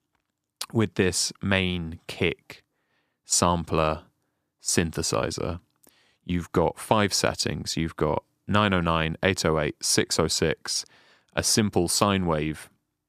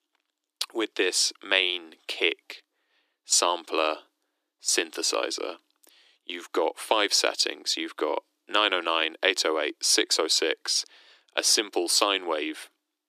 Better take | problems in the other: first | thin; very; fading below 300 Hz

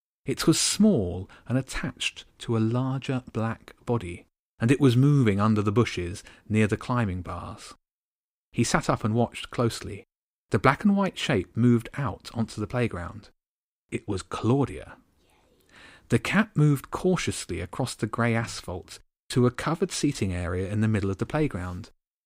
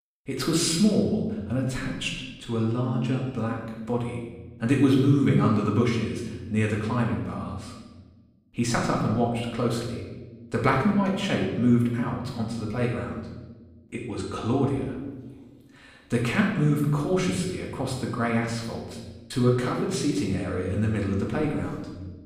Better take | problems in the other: first | room echo; noticeable; dies away in 1 s // off-mic speech; far

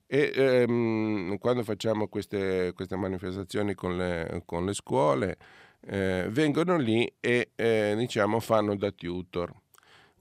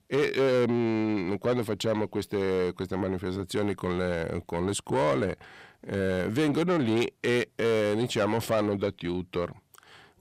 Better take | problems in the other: first | distortion; slight; 10 dB below the speech

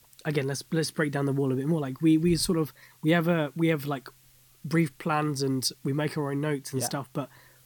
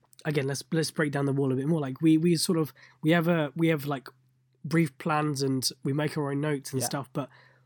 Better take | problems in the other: second | hiss; faint; throughout; 25 dB below the speech

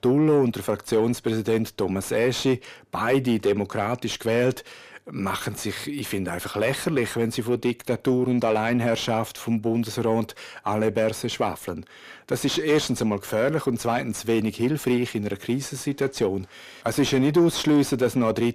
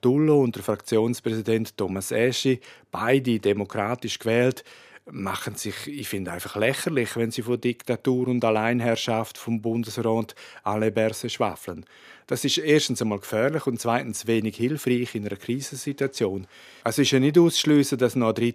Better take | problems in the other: second | distortion; slight; 10 dB below the speech

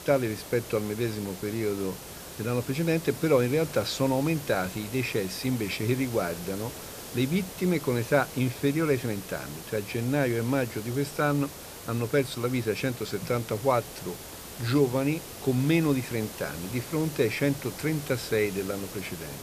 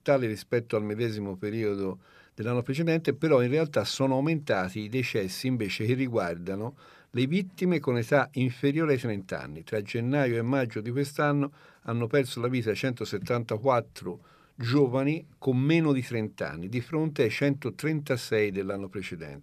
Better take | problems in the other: second | hiss; noticeable; throughout; 10 dB below the speech

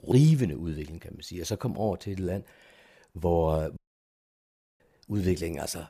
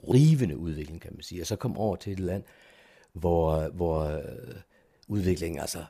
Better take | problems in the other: second | audio cutting out; at 4 s for 1 s

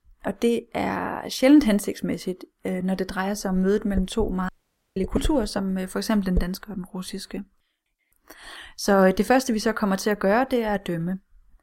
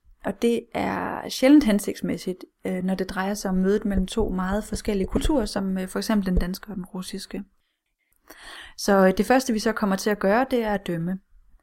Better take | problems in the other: second | audio cutting out; at 4.5 s

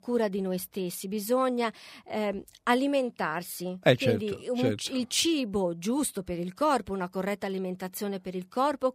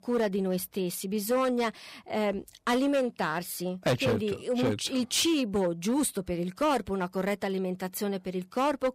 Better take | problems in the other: first | distortion; slight; 7% of the sound clipped

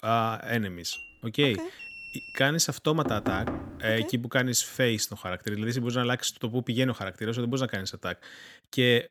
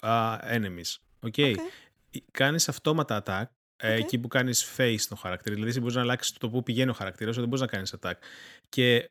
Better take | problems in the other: second | clattering dishes; faint; at 1 s; peak 15 dB below the speech // alarm; faint; at 2 s; peak 10 dB below the speech // door banging; noticeable; at 3 s; peak 4 dB below the speech

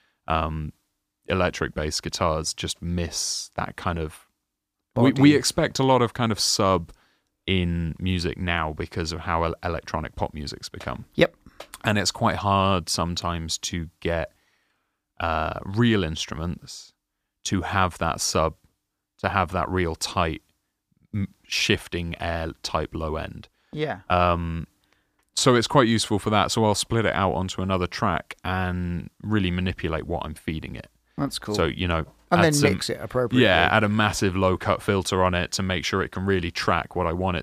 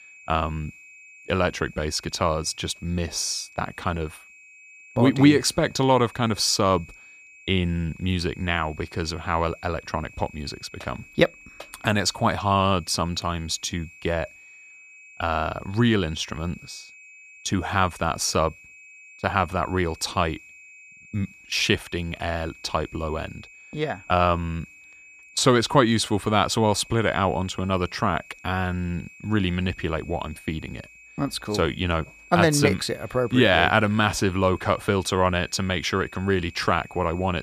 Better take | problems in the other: first | high-pitched whine; faint; throughout; 2.5 kHz, 20 dB below the speech

